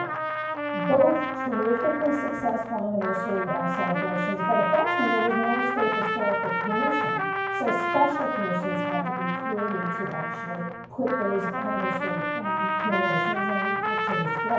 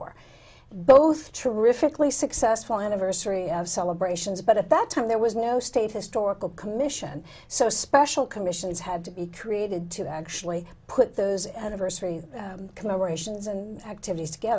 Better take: second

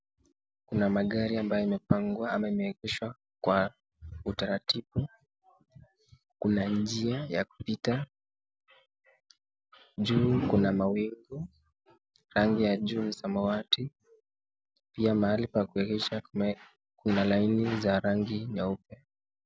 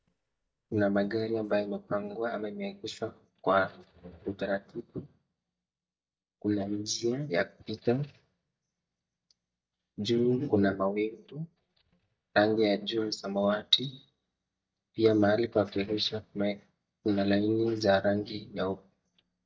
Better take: first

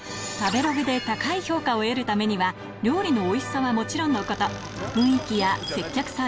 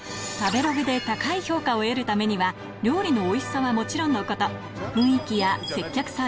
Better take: second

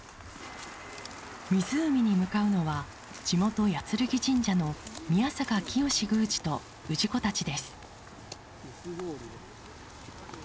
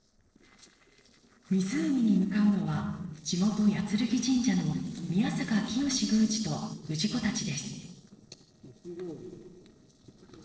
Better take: first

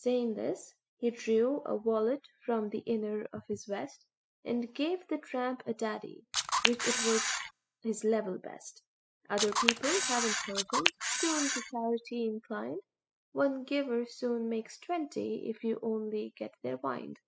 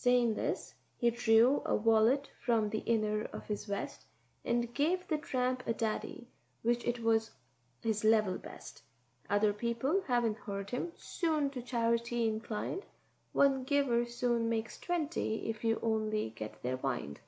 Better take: second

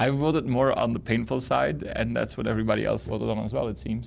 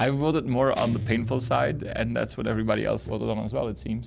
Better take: first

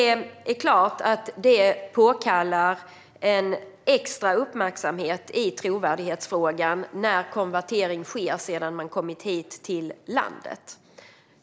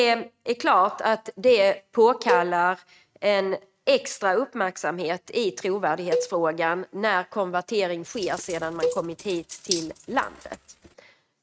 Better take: first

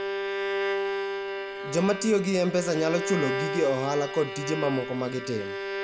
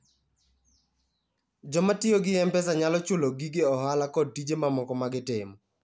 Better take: second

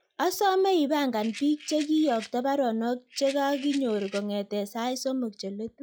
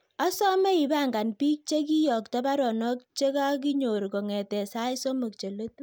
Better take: second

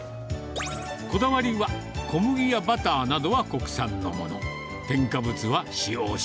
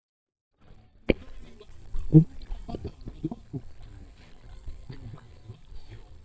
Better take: first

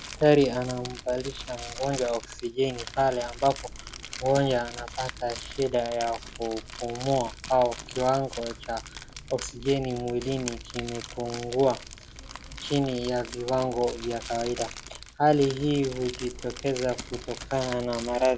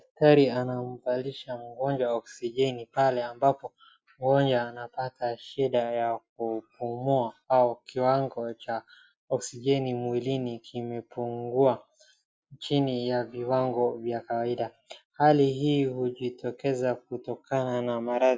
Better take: second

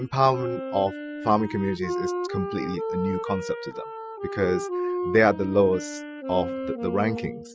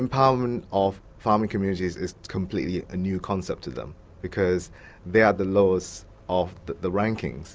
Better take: second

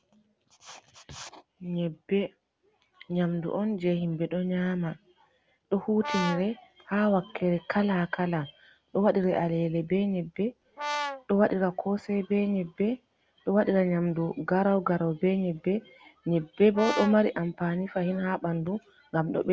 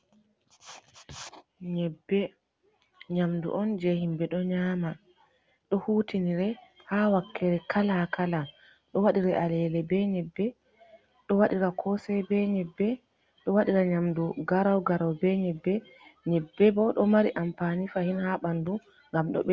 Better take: second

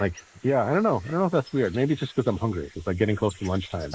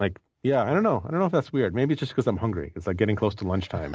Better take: second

